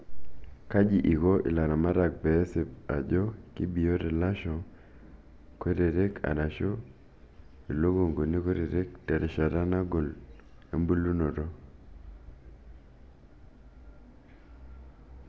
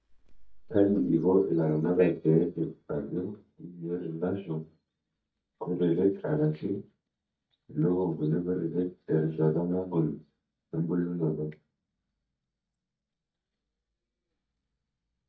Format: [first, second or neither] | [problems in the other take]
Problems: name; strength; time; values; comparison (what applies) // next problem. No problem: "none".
first | noise reduction (neural mask model DeepFilterNet 3)